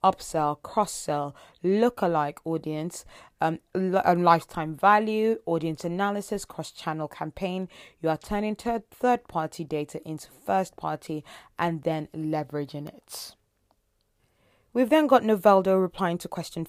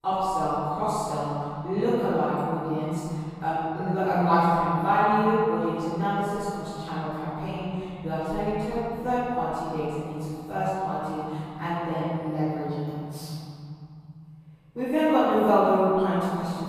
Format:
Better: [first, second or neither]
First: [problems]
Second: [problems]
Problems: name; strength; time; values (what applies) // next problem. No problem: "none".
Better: first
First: none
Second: off-mic speech; far // room echo; strong; dies away in 3 s